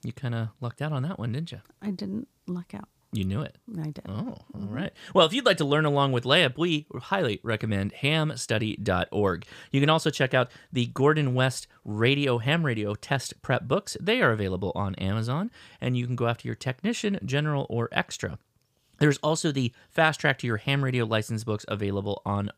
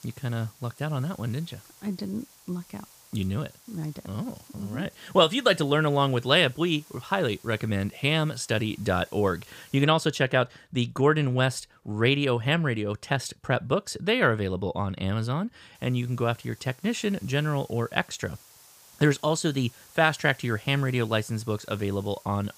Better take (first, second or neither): first